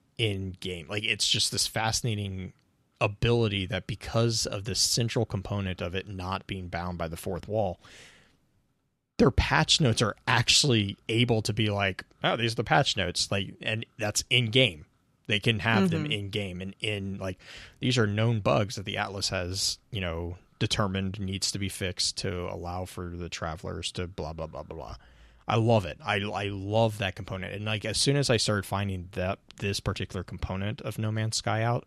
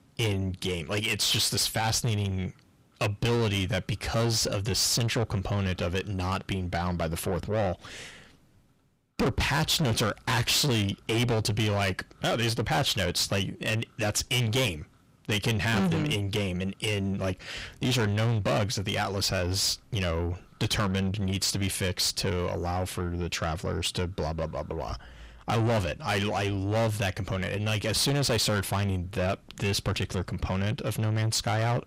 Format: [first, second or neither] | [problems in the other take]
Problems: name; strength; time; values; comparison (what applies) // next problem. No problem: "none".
first | distortion; heavy; 6 dB below the speech